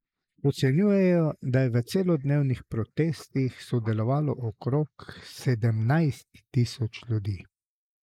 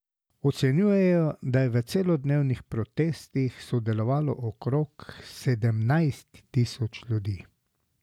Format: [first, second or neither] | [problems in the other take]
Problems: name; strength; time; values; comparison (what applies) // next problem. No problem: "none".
second | noise reduction (neural mask model Resemble Enhance denoiser)